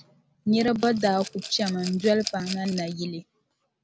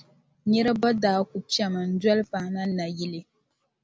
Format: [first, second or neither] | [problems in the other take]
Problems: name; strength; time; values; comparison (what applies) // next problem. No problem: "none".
second | background sound (Rattle / Glass); 14 dB below the speech